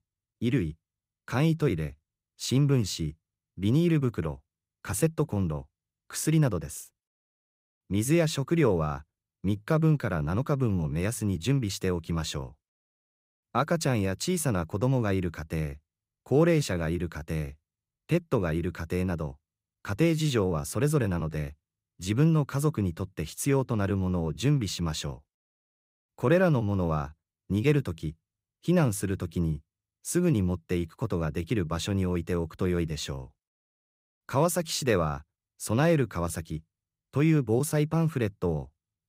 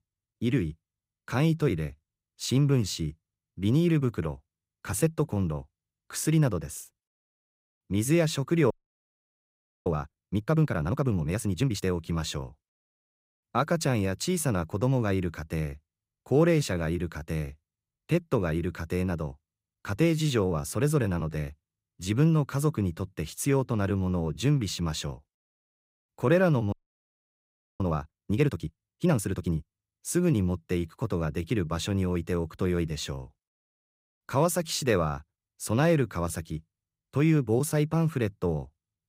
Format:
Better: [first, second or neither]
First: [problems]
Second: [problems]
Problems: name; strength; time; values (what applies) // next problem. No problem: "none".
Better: first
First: none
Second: audio freezing; at 8.5 s for 1 s and at 27 s for 1 s